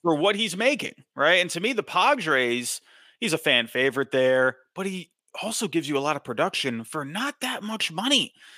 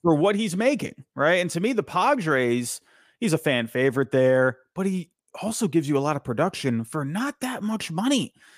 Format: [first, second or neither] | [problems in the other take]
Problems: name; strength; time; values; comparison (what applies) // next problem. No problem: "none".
second | thin; very slightly; fading below 450 Hz